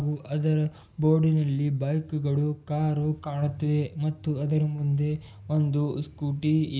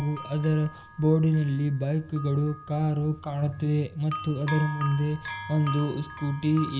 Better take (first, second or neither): first